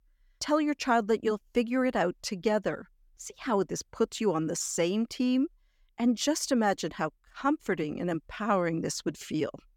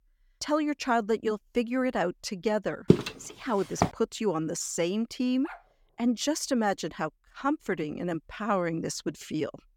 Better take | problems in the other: first | footsteps; loud; at 3 s; peak 5 dB above the speech // dog barking; faint; at 5.5 s; peak 15 dB below the speech

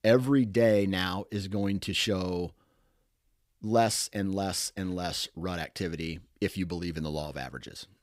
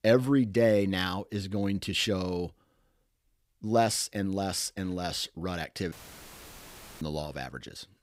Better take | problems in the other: first | audio cutting out; filled with static; at 6 s for 1 s

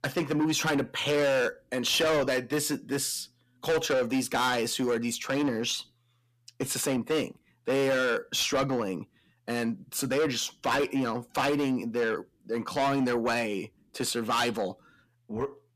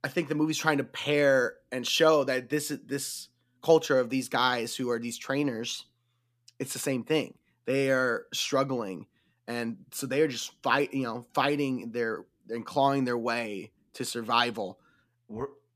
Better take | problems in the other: second | distortion; heavy; 6 dB below the speech

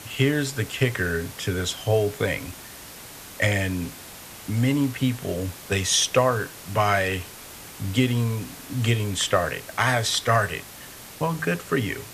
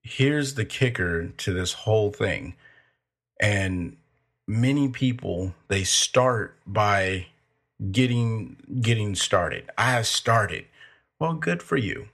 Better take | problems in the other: second | hiss; noticeable; throughout; 15 dB below the speech

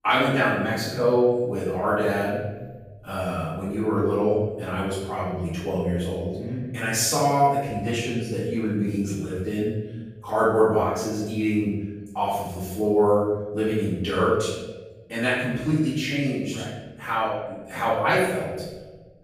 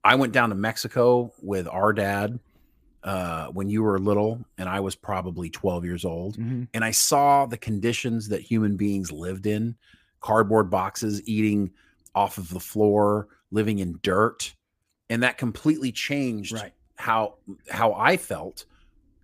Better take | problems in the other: second | room echo; strong; dies away in 1.1 s // off-mic speech; far

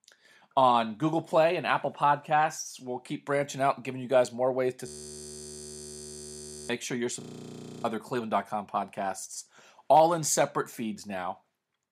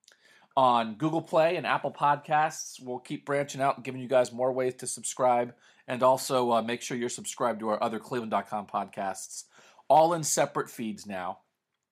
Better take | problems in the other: second | audio freezing; at 5 s for 2 s and at 7 s for 0.5 s

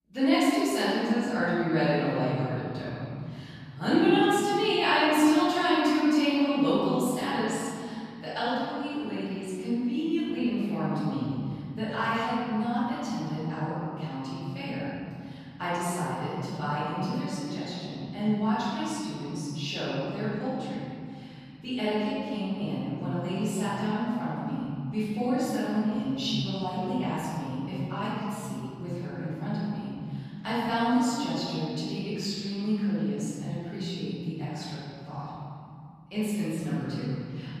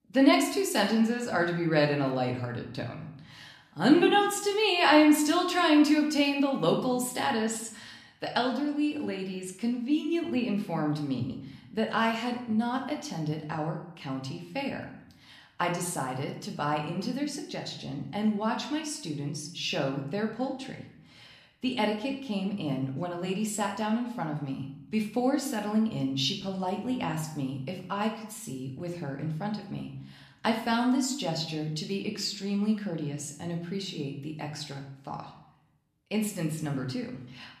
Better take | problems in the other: second | room echo; strong; dies away in 3 s; slight in the second // off-mic speech; far; somewhat distant in the second

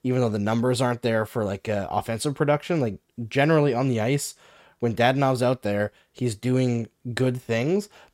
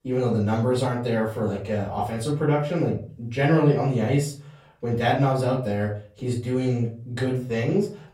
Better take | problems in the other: first | off-mic speech; far // room echo; slight; dies away in 0.4 s

